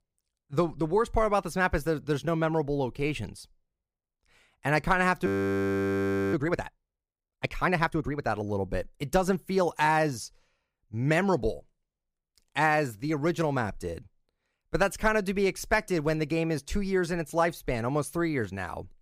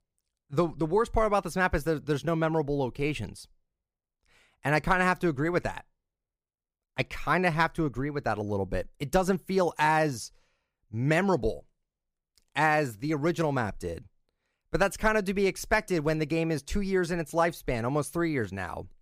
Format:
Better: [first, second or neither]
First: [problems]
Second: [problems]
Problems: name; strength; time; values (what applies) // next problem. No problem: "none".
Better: second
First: audio freezing; at 5.5 s for 1 s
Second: none